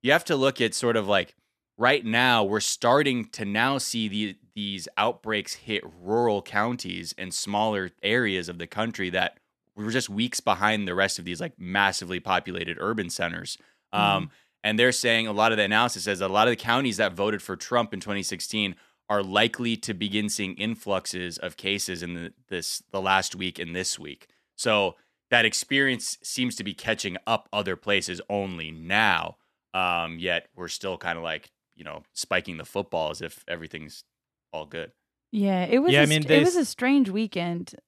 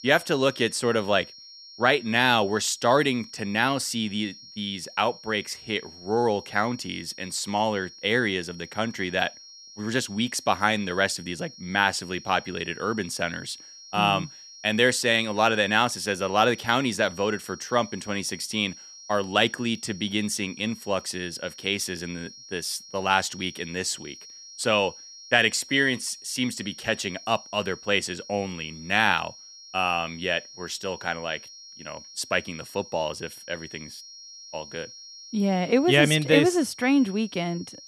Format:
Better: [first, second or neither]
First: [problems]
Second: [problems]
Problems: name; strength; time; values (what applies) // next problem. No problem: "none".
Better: first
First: none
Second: high-pitched whine; noticeable; throughout; 5.5 kHz, 20 dB below the speech